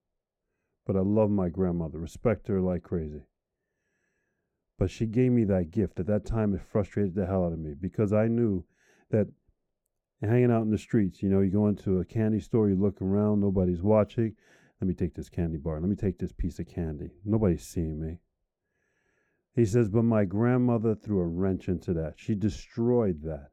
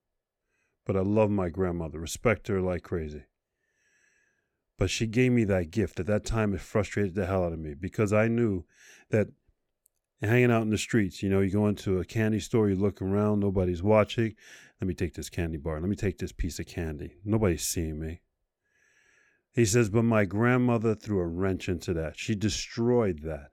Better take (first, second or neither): second